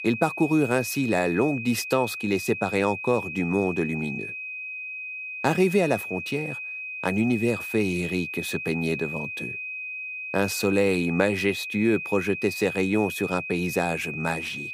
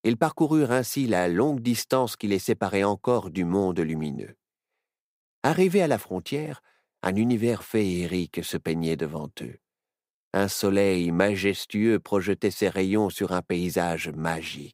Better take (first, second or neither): second